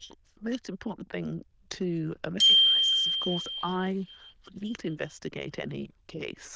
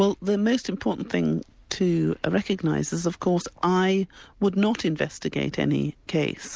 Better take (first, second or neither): second